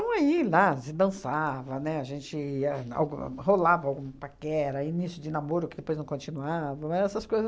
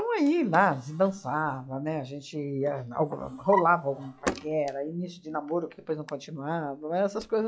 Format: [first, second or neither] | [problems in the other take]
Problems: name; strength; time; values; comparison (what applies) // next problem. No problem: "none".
first | noise reduction (classical method log-MMSE)